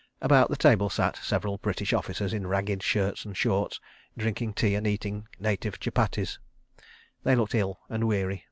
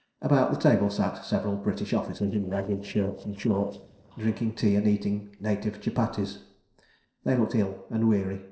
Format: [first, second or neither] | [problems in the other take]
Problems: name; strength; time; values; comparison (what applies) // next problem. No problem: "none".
first | noise reduction (neural separator model SepFormer DNS4)